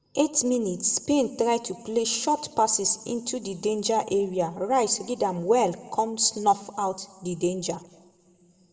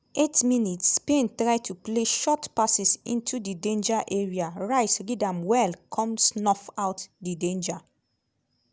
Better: second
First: room echo; dies away in 1 s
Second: none

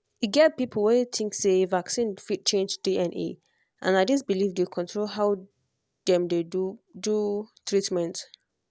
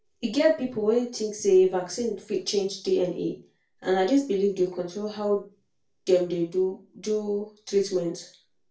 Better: first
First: none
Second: room echo; dies away in 0.3 s

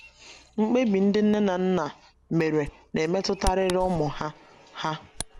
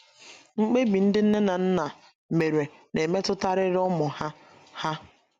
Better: second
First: background sound (Bird vocalization, bird call, bird song); 14 dB below the speech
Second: none

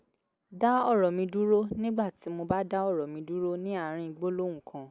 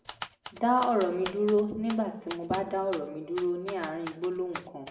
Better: first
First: none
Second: background sound (Typewriter); 15 dB below the speech // room echo; dies away in 0.8 s

